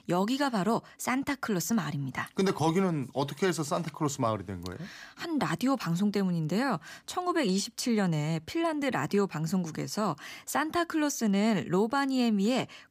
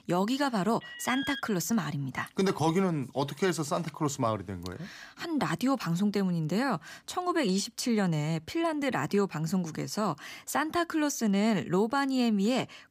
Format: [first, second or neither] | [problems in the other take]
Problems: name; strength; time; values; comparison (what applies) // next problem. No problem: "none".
first | alarm; noticeable; at 1 s; peak 6 dB below the speech